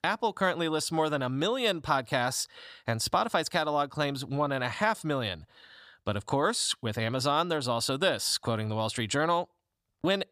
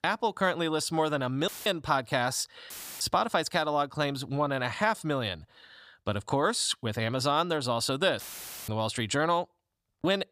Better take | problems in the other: first | audio cutting out; filled with static; at 1.5 s, at 2.5 s and at 8 s

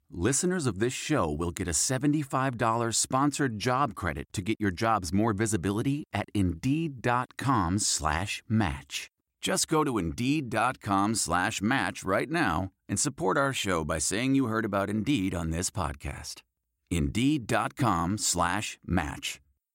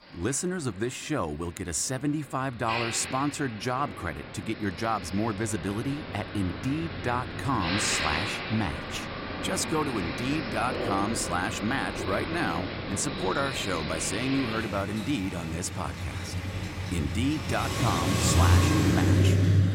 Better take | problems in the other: first | traffic noise; very loud; throughout; as loud as the speech

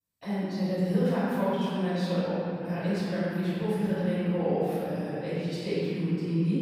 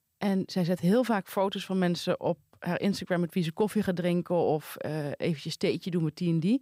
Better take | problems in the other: second | off-mic speech; far // room echo; strong; dies away in 3 s

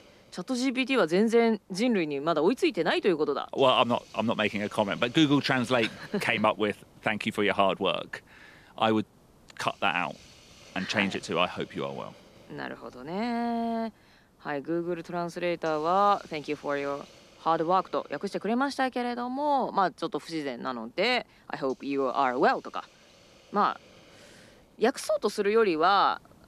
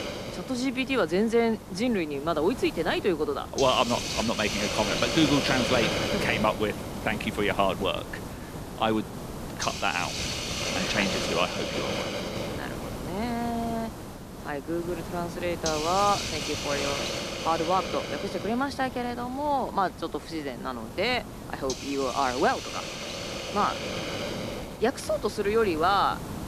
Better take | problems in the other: first | hiss; loud; throughout; 5 dB below the speech; faint in the first

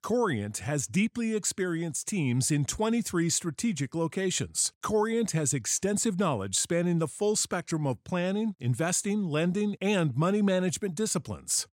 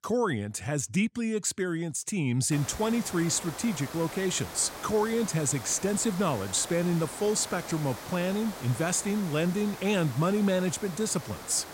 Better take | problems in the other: first | hiss; noticeable; from 2.5 s on; 10 dB below the speech

